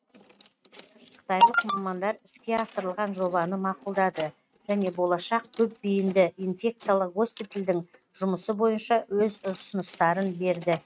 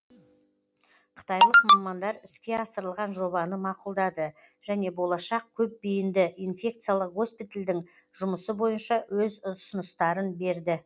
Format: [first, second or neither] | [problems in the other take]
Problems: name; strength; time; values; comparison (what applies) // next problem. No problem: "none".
second | noise reduction (neural mask model RNNoise)